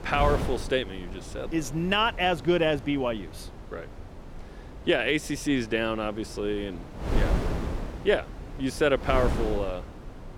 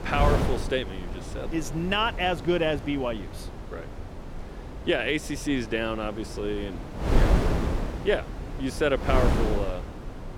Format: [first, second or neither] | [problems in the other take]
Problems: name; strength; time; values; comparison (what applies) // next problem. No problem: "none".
first | wind noise on the microphone; heavy; 8 dB below the speech; occasional gusts in the first